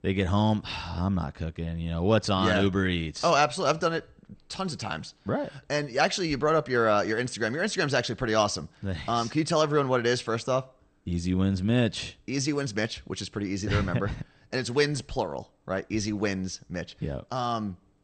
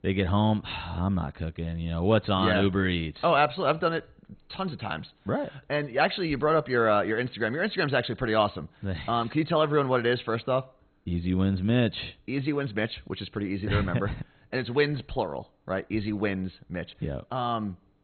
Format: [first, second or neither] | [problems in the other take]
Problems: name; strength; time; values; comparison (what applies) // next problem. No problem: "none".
first | garbled, watery; badly; nothing above 4 kHz; slightly in the first